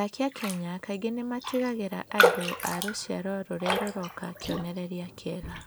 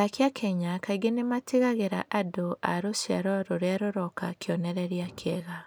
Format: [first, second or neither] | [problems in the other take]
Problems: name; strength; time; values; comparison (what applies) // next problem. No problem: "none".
second | background sound (Raindrop); 1 dB above the speech